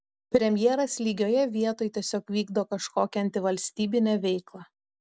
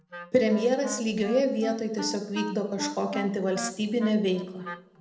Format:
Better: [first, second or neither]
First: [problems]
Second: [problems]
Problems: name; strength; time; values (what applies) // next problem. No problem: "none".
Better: first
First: none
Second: background sound (Wind instrument, woodwind instrument); 12 dB below the speech // room echo; dies away in 0.7 s